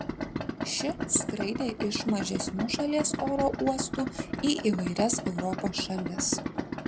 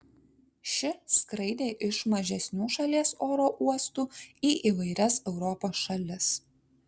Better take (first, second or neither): second